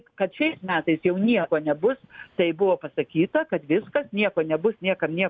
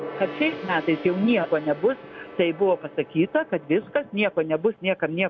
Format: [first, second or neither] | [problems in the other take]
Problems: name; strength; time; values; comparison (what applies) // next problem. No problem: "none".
first | background sound (Gong); 15 dB below the speech